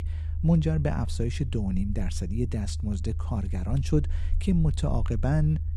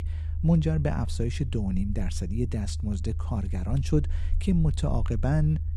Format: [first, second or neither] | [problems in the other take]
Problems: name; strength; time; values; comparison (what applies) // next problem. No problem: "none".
neither | low rumble; noticeable; throughout; 15 dB below the speech; the same in both